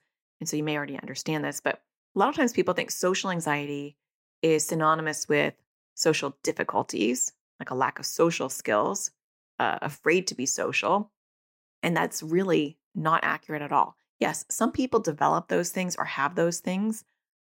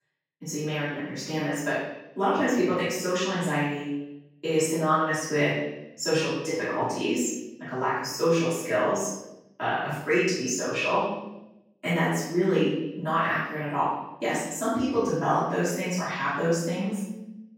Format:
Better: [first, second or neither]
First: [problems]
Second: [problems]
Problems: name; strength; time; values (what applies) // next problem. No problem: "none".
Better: first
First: none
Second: off-mic speech; far // room echo; strong; dies away in 0.9 s